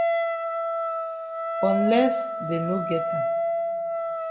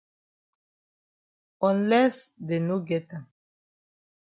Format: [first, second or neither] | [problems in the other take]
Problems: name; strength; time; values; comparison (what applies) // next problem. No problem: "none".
second | background sound (Wind instrument, woodwind instrument); 3 dB above the speech // room echo; dies away in 1.1 s